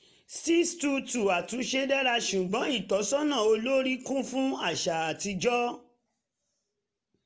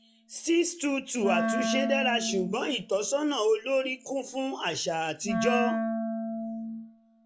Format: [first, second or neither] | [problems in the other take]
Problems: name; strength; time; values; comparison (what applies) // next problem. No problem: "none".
first | noise reduction (classical method log-MMSE)